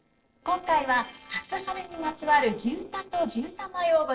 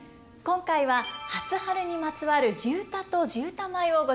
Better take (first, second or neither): second